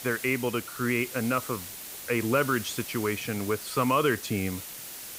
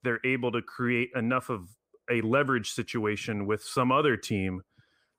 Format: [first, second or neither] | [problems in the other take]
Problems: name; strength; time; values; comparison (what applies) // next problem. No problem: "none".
second | hiss; loud; throughout; 9 dB below the speech